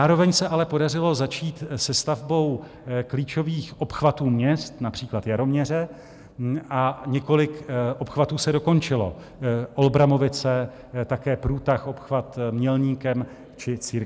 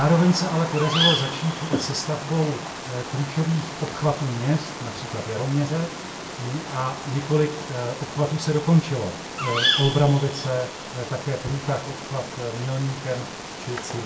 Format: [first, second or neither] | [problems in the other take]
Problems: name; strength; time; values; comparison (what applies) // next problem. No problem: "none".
first | background sound (Bird vocalization, bird call, bird song); 6 dB below the speech // room echo; dies away in 0.2 s